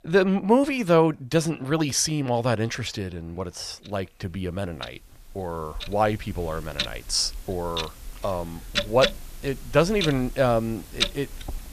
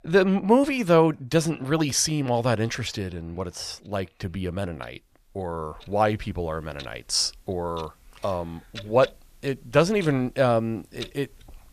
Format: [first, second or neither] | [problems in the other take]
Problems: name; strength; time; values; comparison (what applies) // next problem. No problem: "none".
second | household noises; loud; throughout; 7 dB below the speech; faint in the second